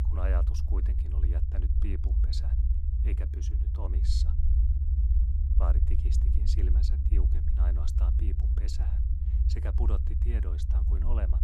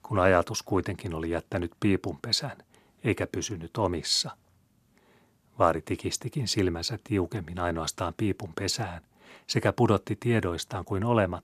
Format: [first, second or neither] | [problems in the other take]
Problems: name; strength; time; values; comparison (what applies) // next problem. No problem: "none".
second | low rumble; loud; throughout; 1 dB below the speech